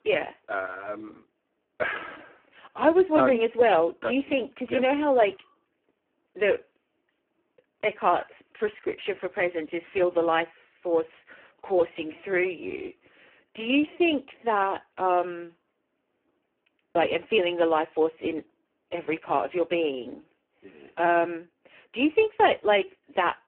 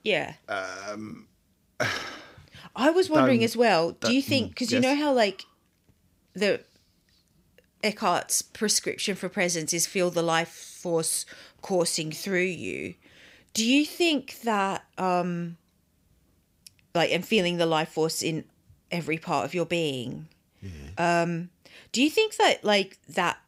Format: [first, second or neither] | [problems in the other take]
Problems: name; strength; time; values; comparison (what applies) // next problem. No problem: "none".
second | phone-call audio; poor line